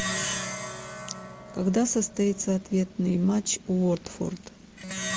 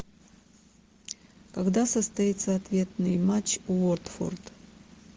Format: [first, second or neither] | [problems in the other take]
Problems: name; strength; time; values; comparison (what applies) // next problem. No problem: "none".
second | background sound (Plucked string instrument); 9 dB below the speech